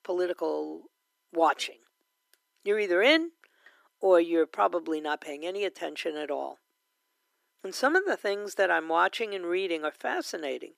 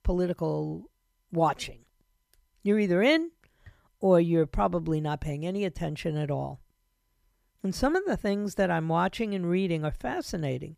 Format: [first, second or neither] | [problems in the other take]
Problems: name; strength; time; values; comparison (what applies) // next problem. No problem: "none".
second | thin; very; fading below 300 Hz